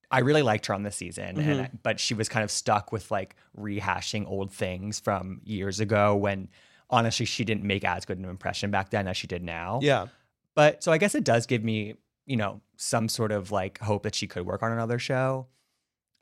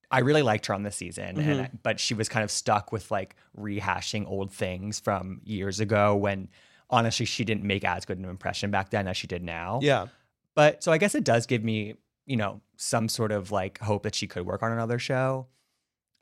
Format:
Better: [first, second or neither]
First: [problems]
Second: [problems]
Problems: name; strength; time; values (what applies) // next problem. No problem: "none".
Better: neither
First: none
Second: none